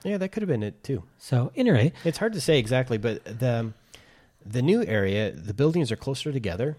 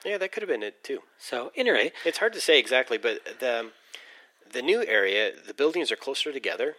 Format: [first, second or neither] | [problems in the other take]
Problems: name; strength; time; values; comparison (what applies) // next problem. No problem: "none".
first | thin; very; fading below 350 Hz